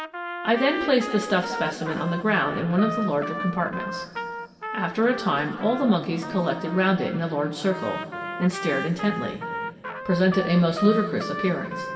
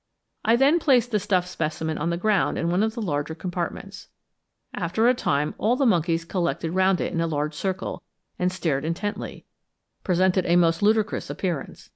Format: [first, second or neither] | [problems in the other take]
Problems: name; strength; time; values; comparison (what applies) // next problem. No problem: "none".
second | background sound (Trumpet); 9 dB below the speech // room echo; dies away in 2.3 s